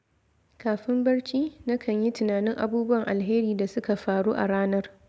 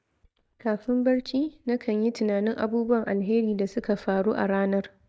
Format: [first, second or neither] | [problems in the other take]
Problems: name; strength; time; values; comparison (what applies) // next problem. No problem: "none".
first | noise reduction (neural mask model DeepFilterNet 3)